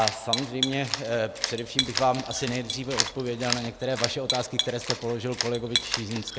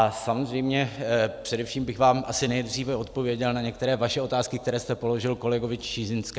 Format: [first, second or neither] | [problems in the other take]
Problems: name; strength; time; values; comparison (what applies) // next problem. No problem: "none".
second | background sound (Cat); 2 dB below the speech